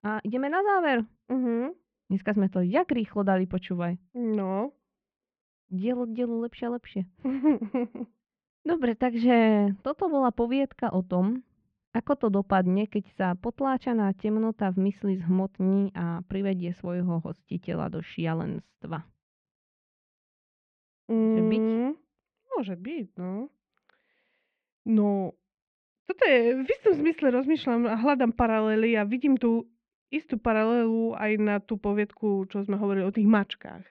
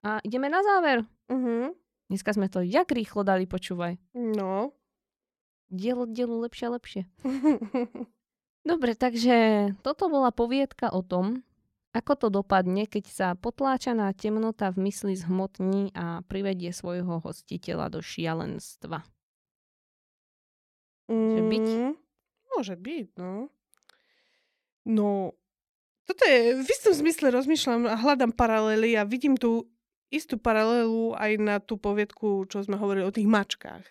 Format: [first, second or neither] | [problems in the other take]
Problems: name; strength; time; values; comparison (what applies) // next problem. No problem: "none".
second | muffled; very; fading above 3 kHz